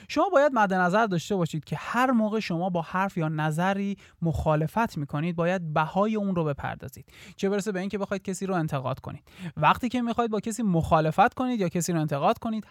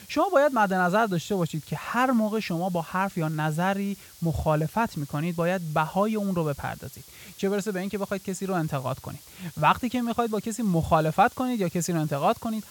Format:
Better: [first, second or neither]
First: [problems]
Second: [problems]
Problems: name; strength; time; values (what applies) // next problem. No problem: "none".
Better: first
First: none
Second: hiss; faint; throughout; 20 dB below the speech